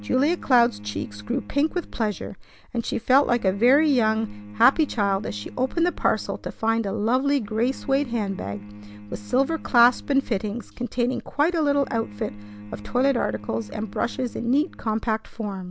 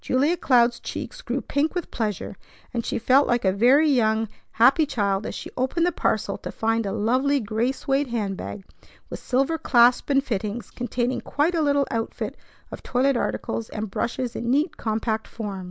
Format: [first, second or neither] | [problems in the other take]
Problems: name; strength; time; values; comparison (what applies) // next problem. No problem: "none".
second | background sound (Bowed string instrument); 17 dB below the speech